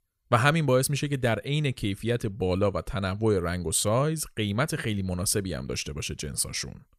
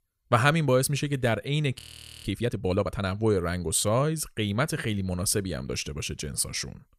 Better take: first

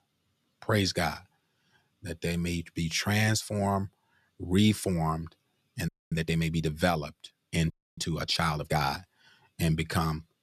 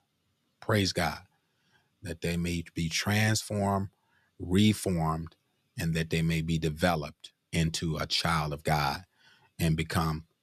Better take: second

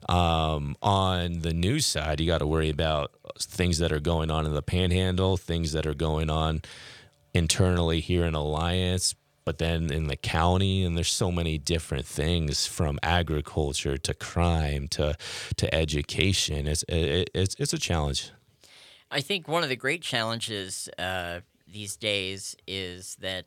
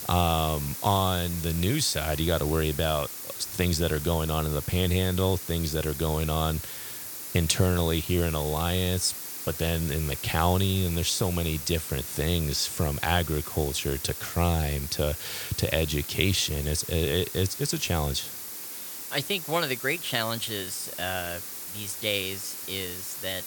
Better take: first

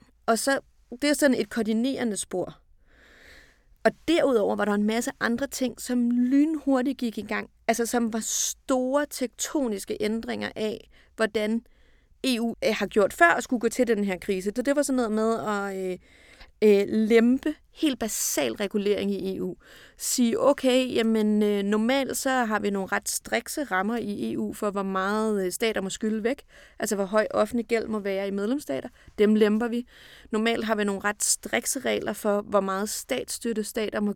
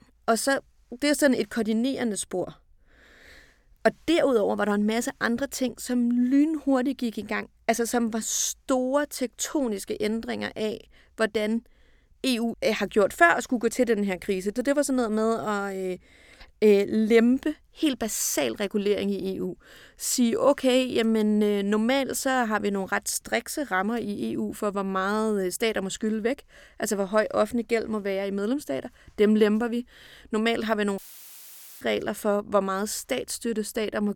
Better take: first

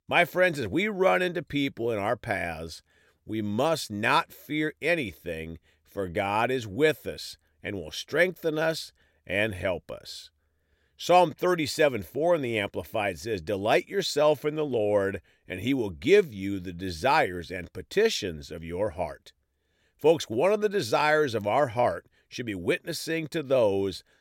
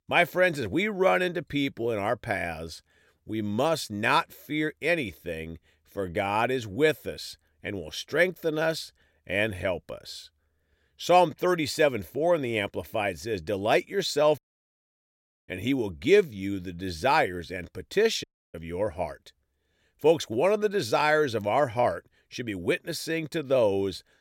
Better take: first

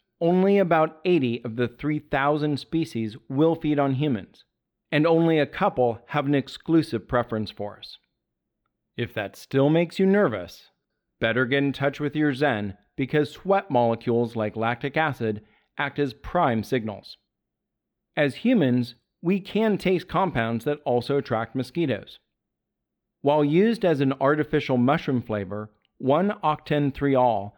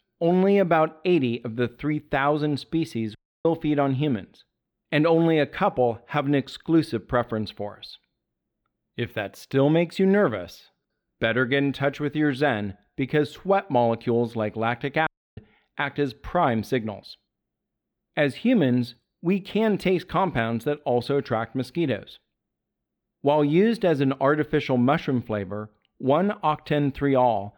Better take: first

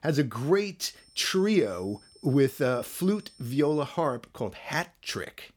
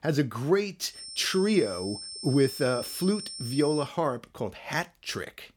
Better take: first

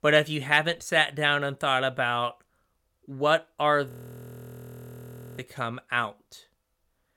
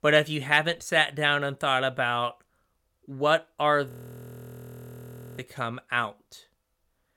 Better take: neither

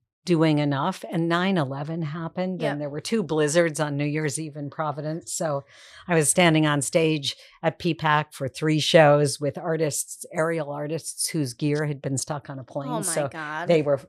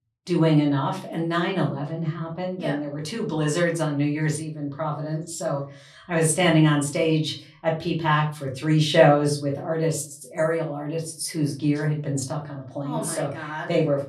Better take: first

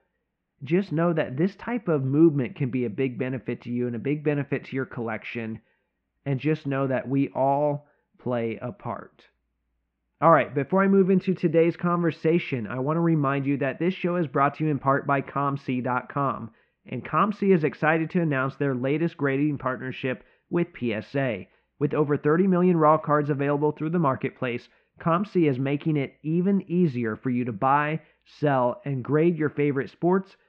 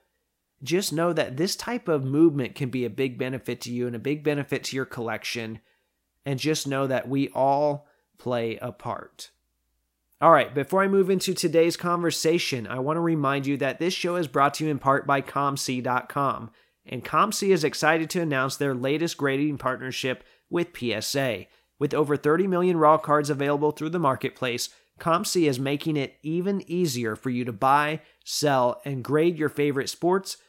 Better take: second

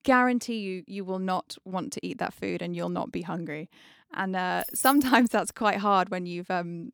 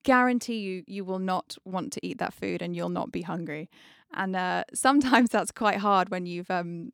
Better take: second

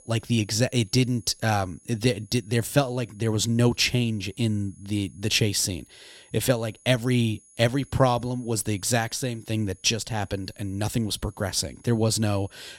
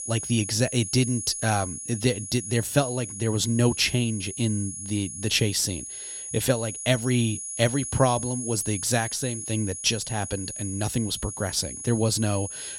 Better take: first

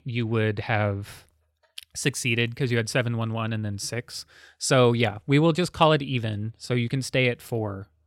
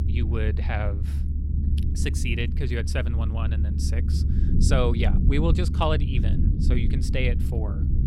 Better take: first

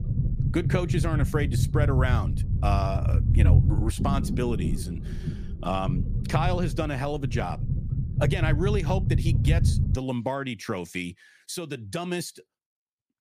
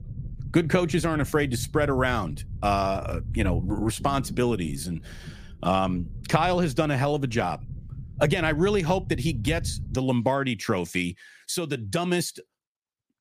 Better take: second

